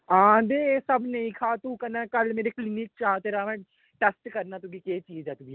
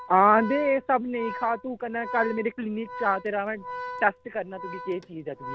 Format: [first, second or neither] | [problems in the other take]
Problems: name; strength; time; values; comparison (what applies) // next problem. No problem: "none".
first | background sound (Organ); 13 dB below the speech